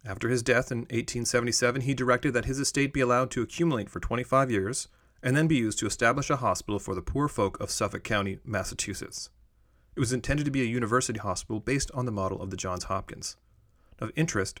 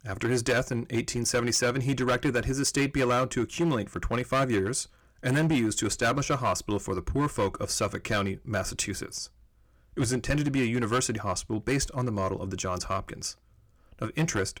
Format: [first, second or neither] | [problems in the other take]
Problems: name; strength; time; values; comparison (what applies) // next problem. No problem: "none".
first | distortion; slight; 6% of the sound clipped